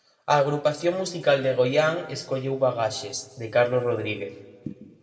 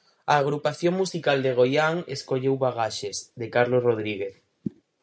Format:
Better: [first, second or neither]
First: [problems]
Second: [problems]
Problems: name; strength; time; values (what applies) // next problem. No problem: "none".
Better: second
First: room echo; dies away in 1.3 s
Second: none